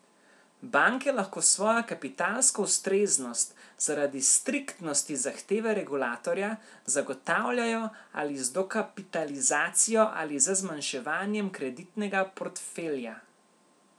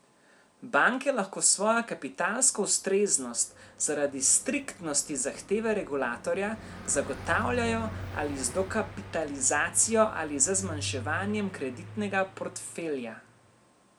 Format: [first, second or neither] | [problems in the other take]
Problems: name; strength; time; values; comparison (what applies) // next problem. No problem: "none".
first | background sound (Car passing by); 15 dB below the speech